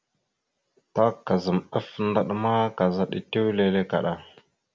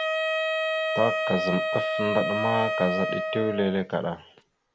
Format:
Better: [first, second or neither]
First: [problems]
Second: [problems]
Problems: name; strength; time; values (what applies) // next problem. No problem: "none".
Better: first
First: none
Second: background sound (Wind instrument, woodwind instrument); as loud as the speech